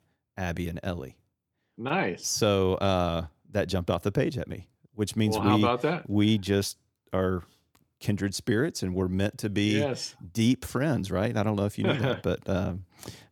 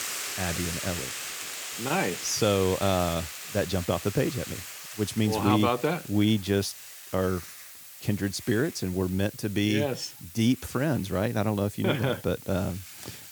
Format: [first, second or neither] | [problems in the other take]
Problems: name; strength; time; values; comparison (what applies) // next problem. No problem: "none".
first | hiss; loud; throughout; 10 dB below the speech